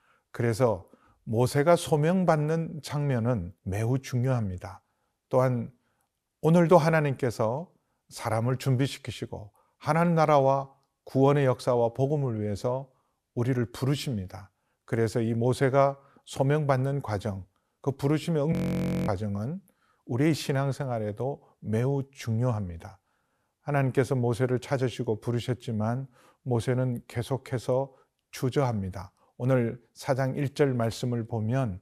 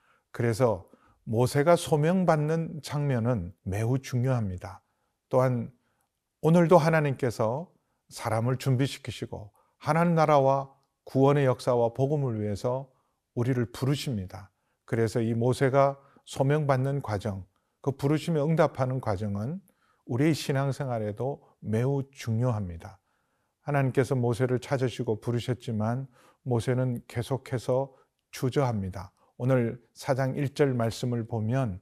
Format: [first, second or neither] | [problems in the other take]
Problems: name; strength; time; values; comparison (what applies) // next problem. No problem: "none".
second | audio freezing; at 19 s for 0.5 s